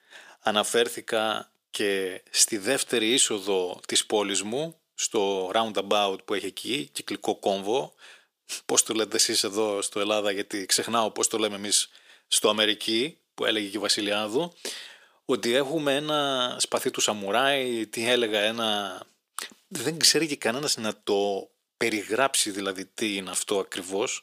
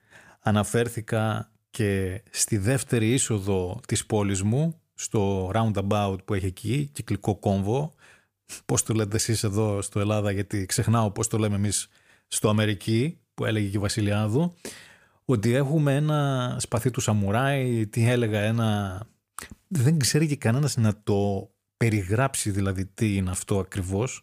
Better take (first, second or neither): second